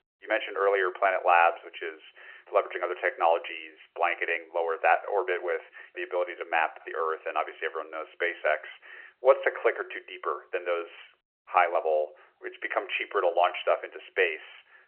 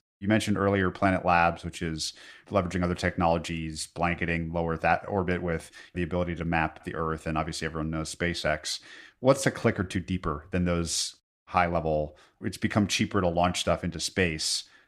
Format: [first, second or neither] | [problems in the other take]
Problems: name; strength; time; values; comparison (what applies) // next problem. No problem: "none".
second | phone-call audio